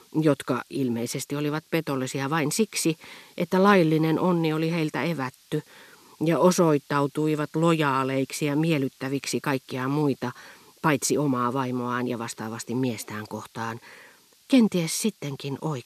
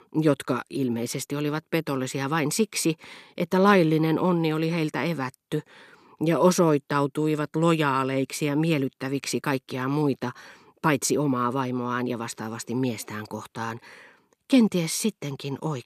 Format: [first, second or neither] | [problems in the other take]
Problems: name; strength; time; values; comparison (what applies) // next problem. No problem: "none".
second | hiss; faint; throughout; 30 dB below the speech